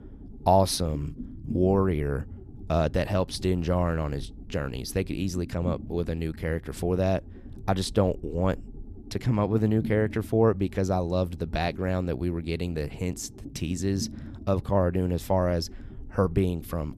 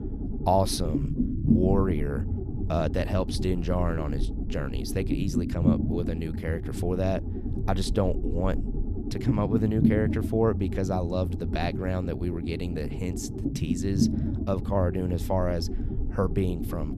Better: first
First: low rumble; faint; throughout; 20 dB below the speech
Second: low rumble; loud; throughout; 6 dB below the speech

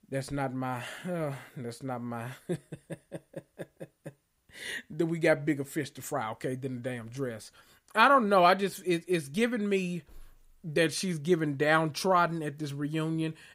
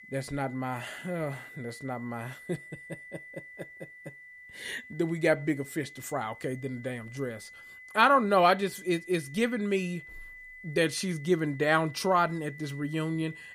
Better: first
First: none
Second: high-pitched whine; noticeable; throughout; 2 kHz, 15 dB below the speech

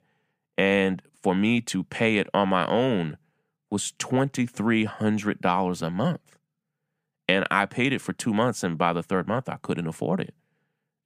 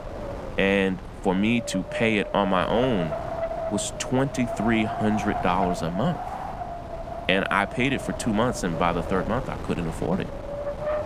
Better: first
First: none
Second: wind noise on the microphone; heavy; 6 dB below the speech

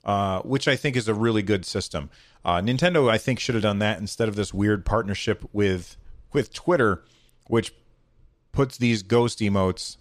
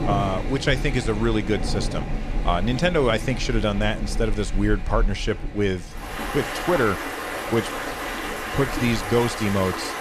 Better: first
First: none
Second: rain or running water; loud; throughout; 5 dB below the speech

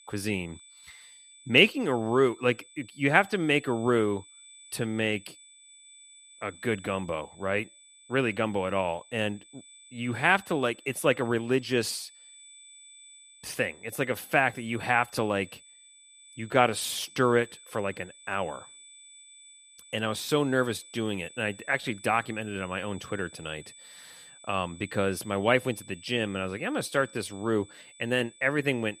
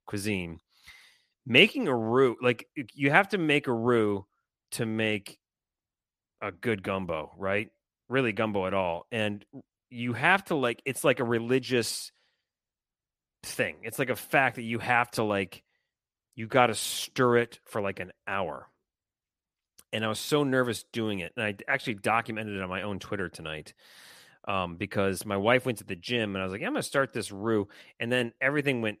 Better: second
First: high-pitched whine; faint; throughout; 8 kHz, 20 dB below the speech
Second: none

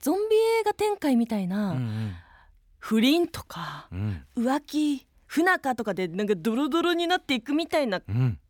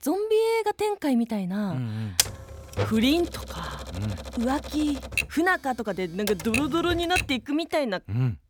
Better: first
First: none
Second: keyboard typing; loud; from 2 to 7 s; peak 3 dB above the speech

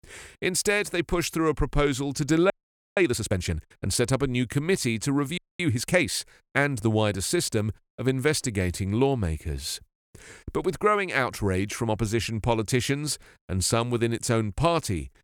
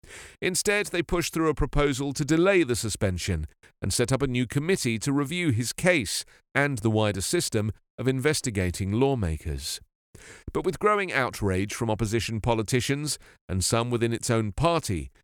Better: second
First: audio freezing; at 2.5 s and at 5.5 s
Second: none

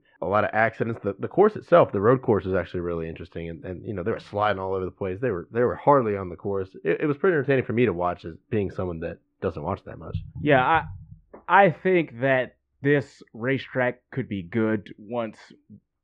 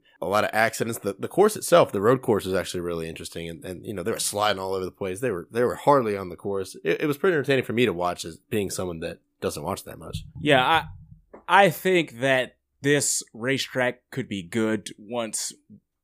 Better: second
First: muffled; very; fading above 2 kHz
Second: none

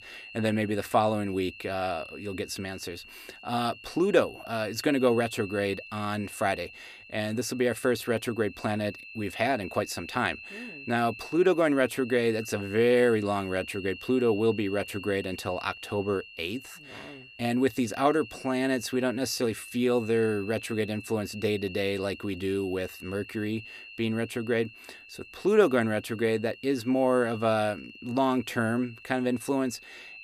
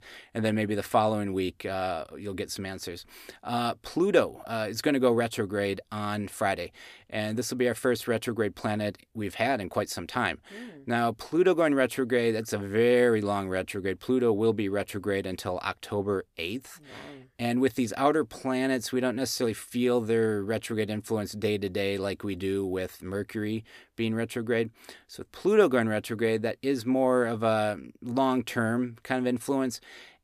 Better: second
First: high-pitched whine; noticeable; throughout; 2.5 kHz, 15 dB below the speech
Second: none

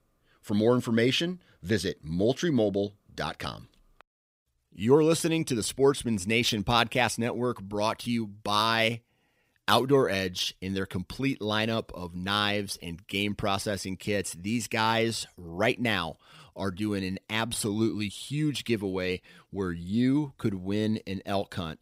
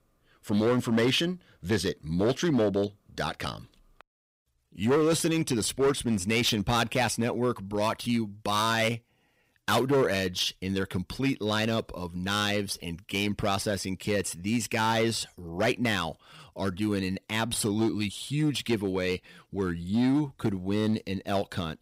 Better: first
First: none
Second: distortion; slight; 5% of the sound clipped

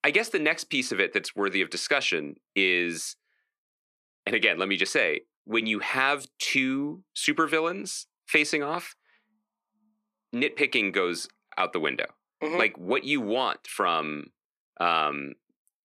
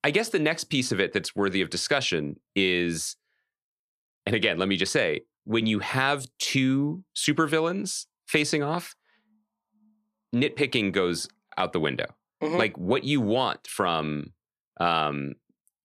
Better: second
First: thin; very slightly; fading below 300 Hz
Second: none

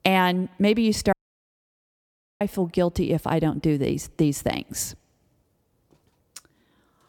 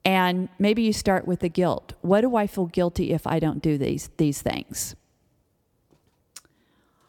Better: second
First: audio cutting out; at 1 s for 1.5 s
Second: none

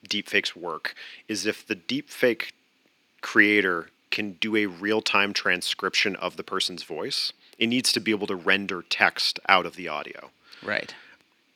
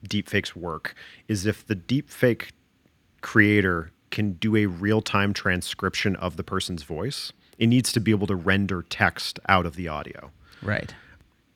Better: second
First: thin; somewhat; fading below 350 Hz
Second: none

